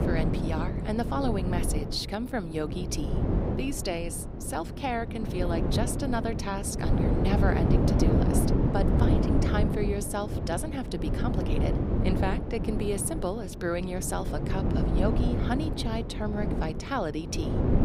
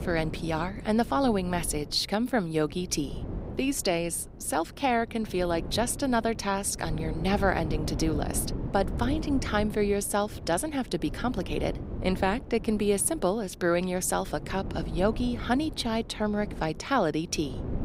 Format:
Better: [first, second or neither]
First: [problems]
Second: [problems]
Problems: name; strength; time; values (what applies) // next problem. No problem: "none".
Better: second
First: wind noise on the microphone; heavy; 2 dB below the speech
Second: wind noise on the microphone; occasional gusts; 15 dB below the speech